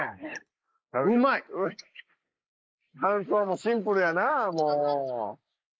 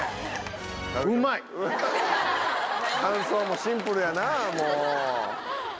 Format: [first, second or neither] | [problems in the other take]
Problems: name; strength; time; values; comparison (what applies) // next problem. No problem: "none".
second | noise reduction (neural mask model Resemble Enhance denoiser)